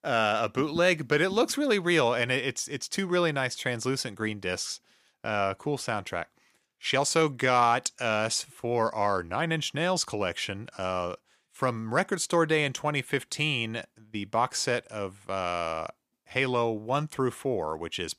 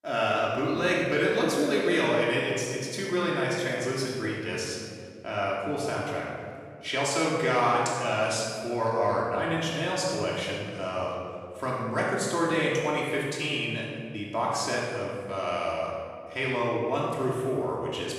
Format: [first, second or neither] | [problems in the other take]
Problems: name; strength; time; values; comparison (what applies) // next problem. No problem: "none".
first | room echo; strong; dies away in 1.8 s // off-mic speech; far